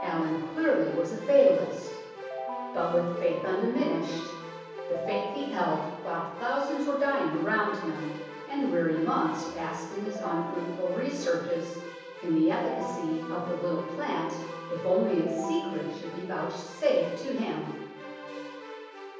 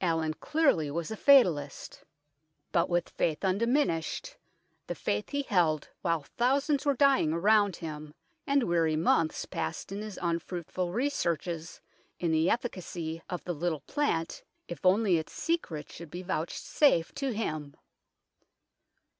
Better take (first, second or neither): second